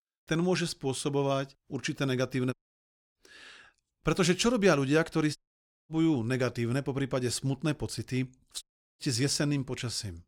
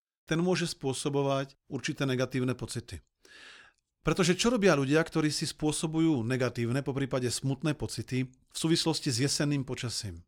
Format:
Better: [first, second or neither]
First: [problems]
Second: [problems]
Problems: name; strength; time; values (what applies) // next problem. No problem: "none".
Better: second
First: audio cutting out; at 2.5 s for 0.5 s, at 5.5 s for 0.5 s and at 8.5 s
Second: none